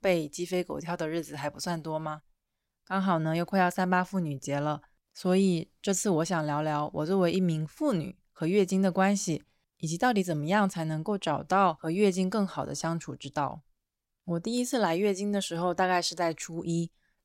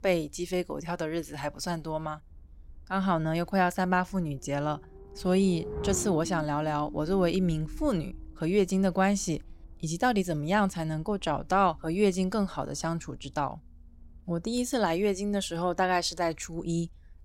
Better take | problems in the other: first | low rumble; noticeable; throughout; 15 dB below the speech

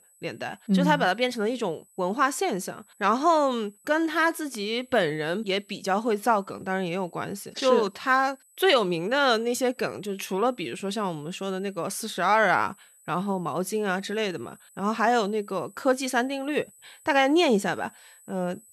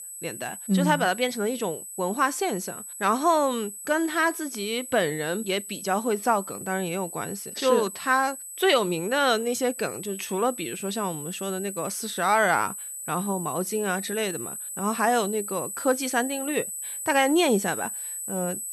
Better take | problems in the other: first | high-pitched whine; loud; throughout; 8 kHz, 8 dB below the speech; faint in the first

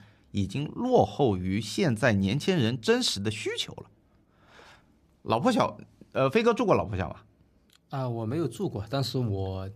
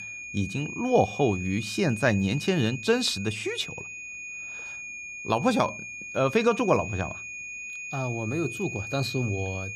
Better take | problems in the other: first | high-pitched whine; loud; throughout; 2.5 kHz, 9 dB below the speech

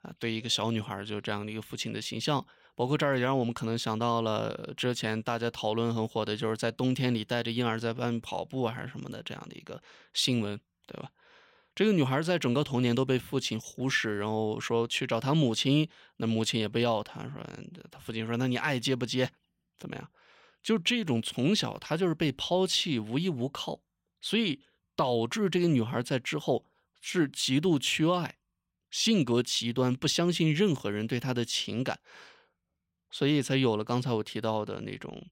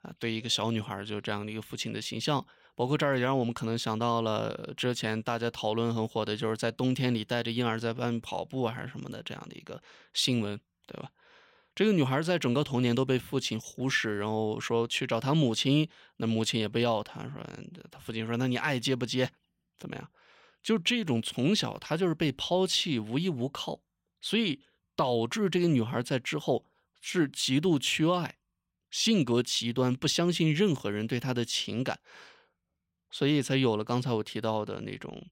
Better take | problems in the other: neither | none

